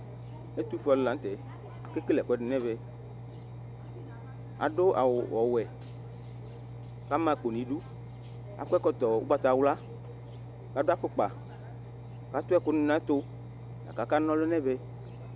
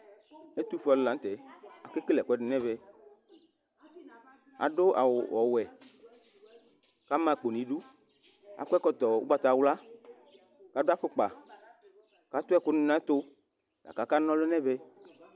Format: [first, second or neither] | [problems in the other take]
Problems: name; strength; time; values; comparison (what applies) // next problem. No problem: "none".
second | background sound (Engine); 12 dB below the speech